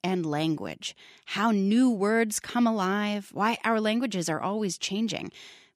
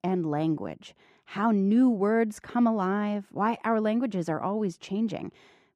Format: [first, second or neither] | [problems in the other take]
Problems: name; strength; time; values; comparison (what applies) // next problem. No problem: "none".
first | muffled; slightly; fading above 2 kHz